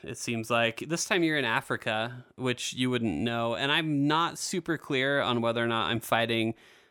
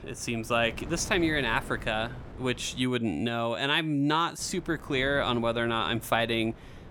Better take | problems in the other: first | wind noise on the microphone; occasional gusts; until 3 s and from 4.5 s on; 20 dB below the speech

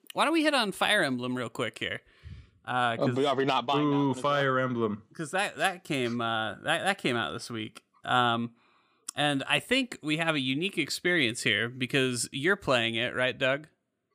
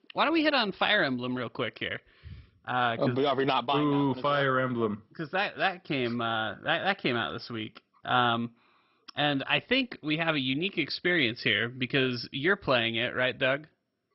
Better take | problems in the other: first | garbled, watery; badly; nothing above 5.5 kHz

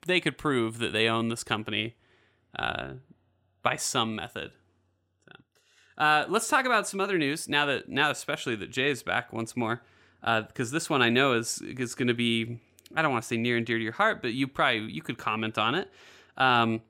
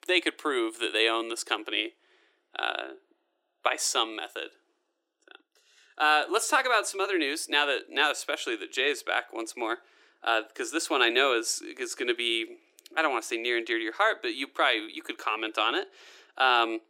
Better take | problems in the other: first | thin; very; fading below 300 Hz

